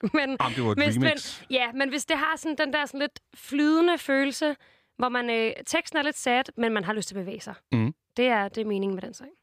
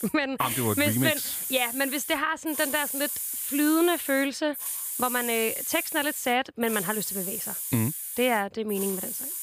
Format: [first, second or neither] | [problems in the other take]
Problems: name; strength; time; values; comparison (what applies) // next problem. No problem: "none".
first | hiss; loud; throughout; 3 dB below the speech